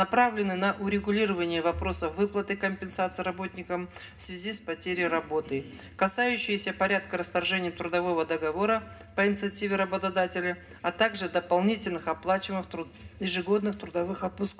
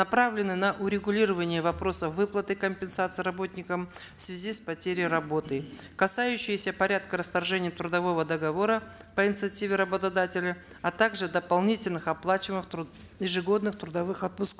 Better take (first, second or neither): second